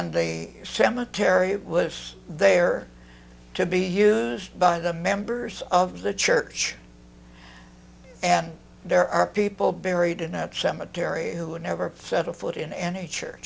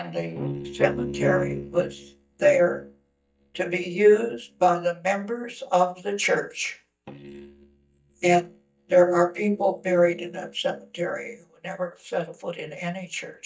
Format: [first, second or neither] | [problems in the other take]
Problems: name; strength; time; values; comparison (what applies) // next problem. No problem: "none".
first | noise reduction (neural mask model DeepFilterNet 3)